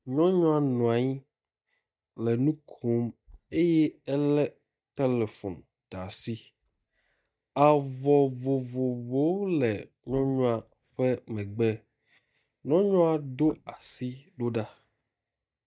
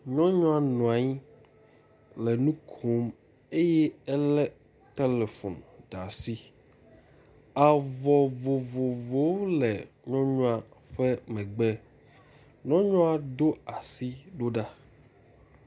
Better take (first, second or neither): second